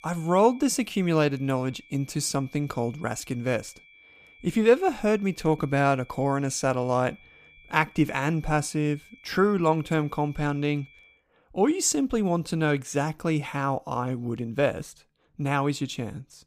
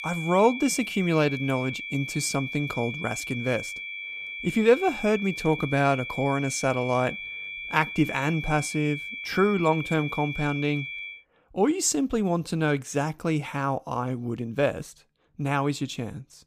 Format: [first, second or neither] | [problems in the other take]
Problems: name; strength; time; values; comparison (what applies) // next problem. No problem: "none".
first | high-pitched whine; loud; until 11 s; 2.5 kHz, 7 dB below the speech; faint in the first